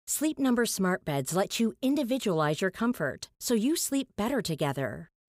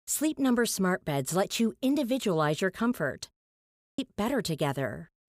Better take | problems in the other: first | audio cutting out; at 3.5 s for 0.5 s

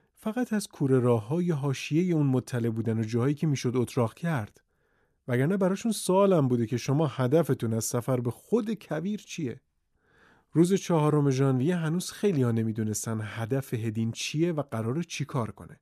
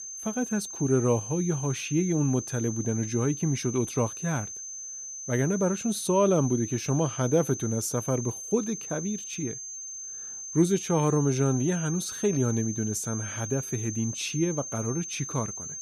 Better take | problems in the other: first | high-pitched whine; loud; throughout; 6.5 kHz, 7 dB below the speech

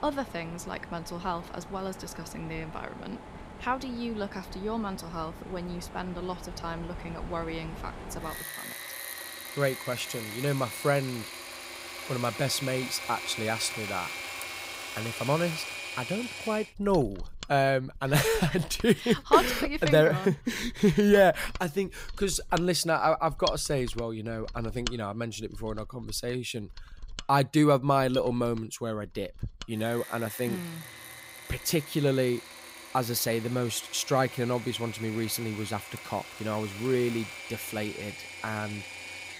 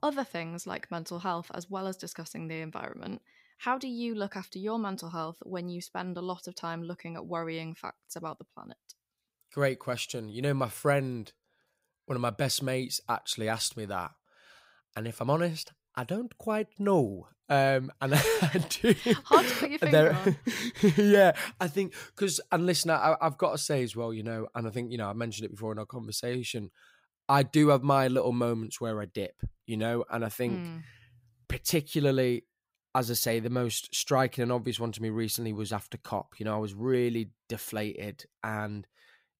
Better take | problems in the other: second | machinery noise; noticeable; throughout; 10 dB below the speech

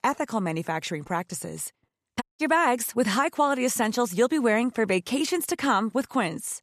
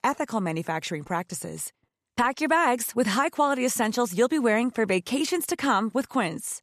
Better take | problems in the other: second | audio cutting out; at 2 s

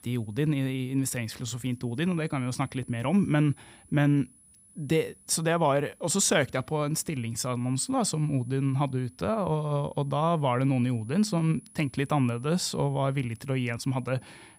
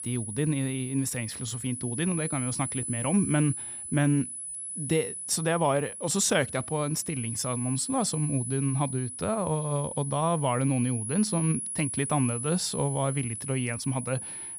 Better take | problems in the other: first | high-pitched whine; loud; throughout; 10 kHz, 6 dB below the speech; faint in the first

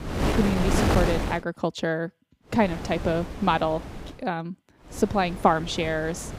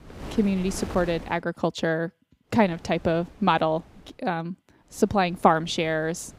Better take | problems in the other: second | wind noise on the microphone; heavy; until 1.5 s, from 2.5 to 4 s and from 5 s on; 5 dB below the speech; occasional gusts in the second

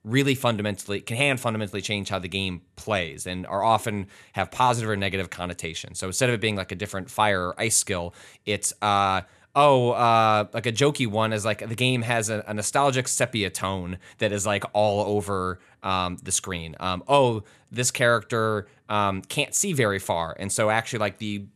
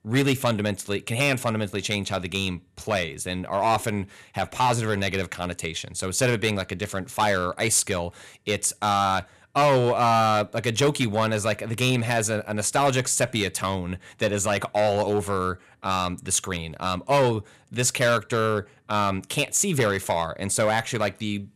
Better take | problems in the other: first | distortion; slight; 4% of the sound clipped

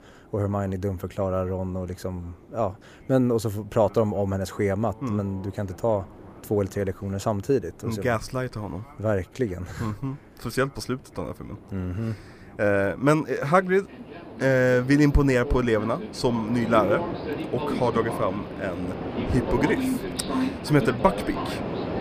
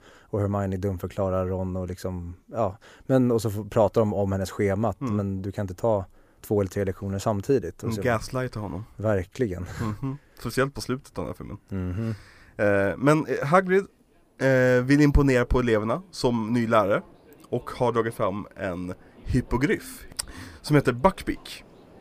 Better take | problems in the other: second | train or aircraft noise; loud; throughout; 6 dB below the speech; faint in the second

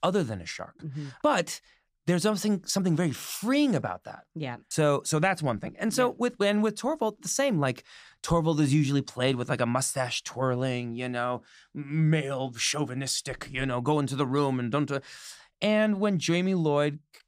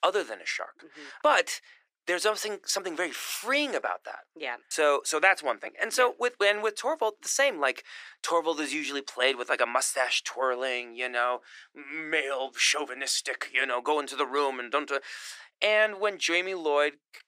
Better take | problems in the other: first | thin; very; fading below 350 Hz

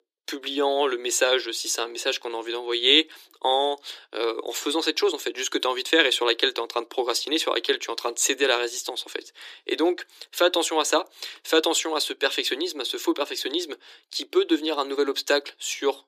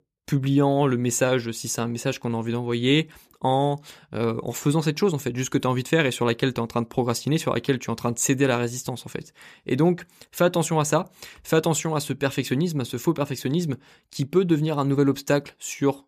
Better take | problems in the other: second | thin; very; fading below 300 Hz

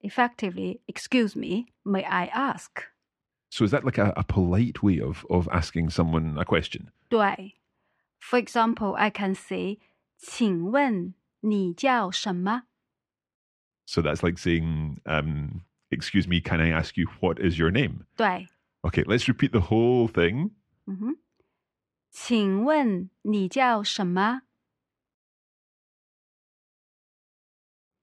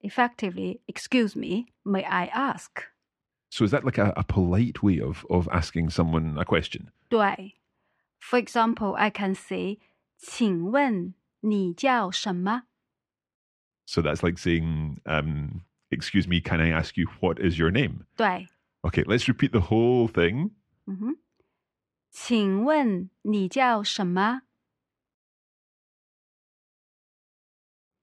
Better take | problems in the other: neither | muffled; slightly; fading above 4 kHz; the same in both

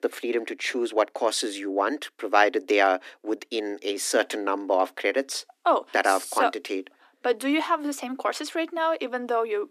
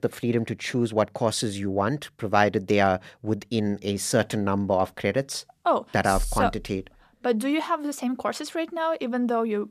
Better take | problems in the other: second | thin; somewhat; fading below 250 Hz

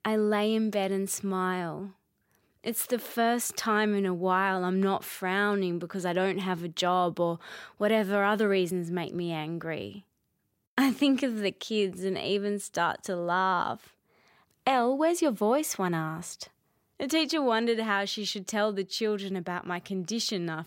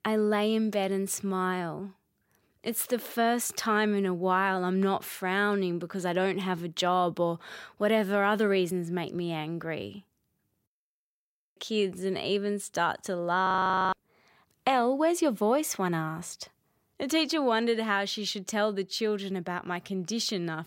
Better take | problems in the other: first | audio freezing; at 11 s for 1 s and at 13 s

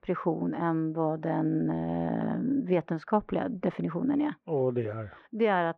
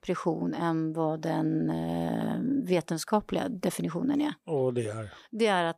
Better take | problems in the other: second | muffled; very; fading above 2 kHz

